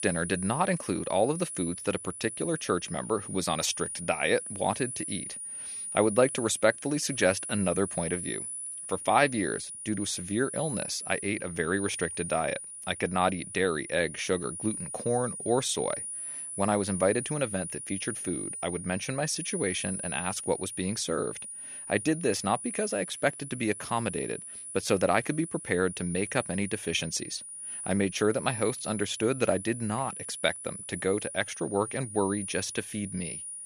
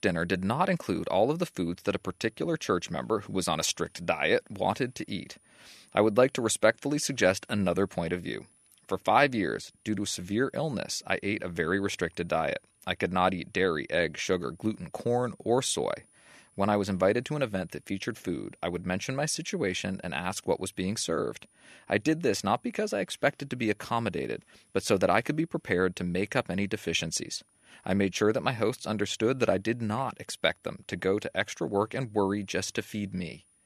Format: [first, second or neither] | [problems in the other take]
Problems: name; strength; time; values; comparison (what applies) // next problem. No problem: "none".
second | high-pitched whine; loud; throughout; 9.5 kHz, 7 dB below the speech; faint in the second